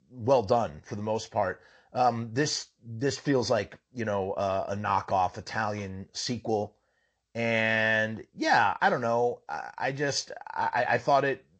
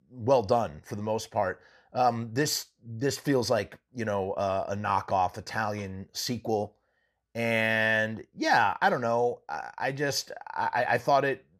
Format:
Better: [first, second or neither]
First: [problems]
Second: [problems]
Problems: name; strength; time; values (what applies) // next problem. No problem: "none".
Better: second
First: garbled, watery; slightly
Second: none